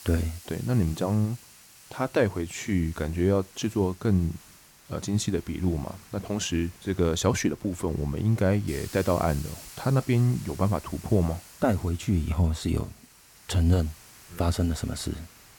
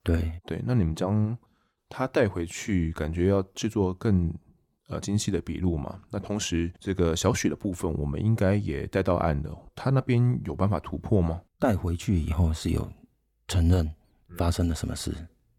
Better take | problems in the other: second | hiss; noticeable; throughout; 20 dB below the speech

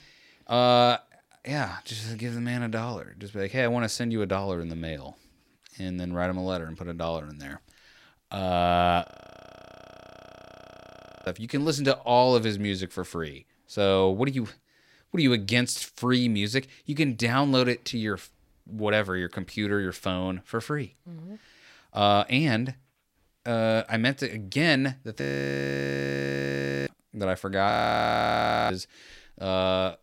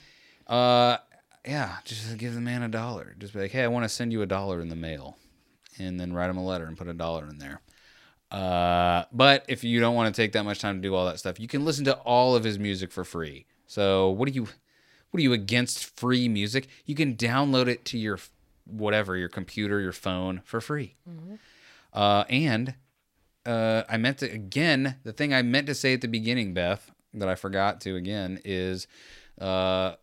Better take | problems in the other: second | audio freezing; at 9 s for 2 s, at 25 s for 1.5 s and at 28 s for 1 s

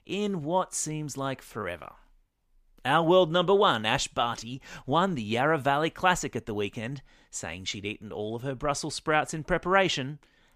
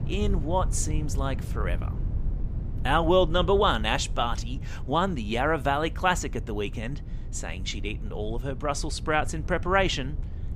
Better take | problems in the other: first | low rumble; faint; throughout; 20 dB below the speech

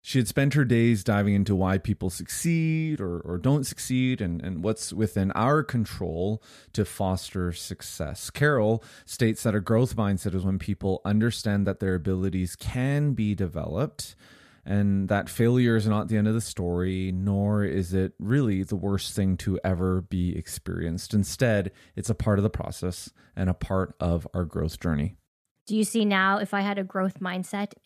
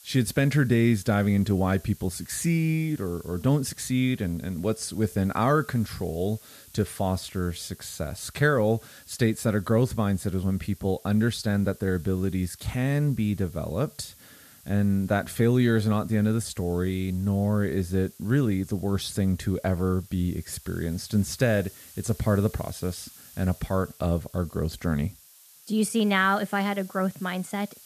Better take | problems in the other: first | hiss; faint; throughout; 20 dB below the speech

